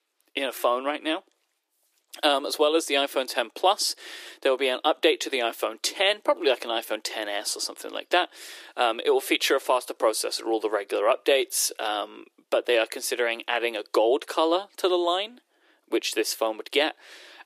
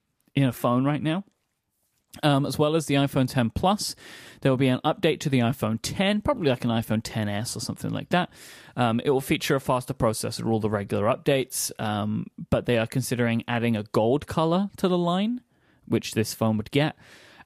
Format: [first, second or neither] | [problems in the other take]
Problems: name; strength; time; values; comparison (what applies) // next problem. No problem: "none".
second | thin; very; fading below 350 Hz